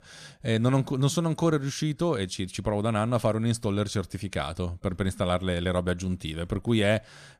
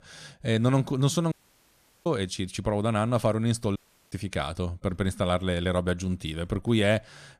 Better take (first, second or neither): first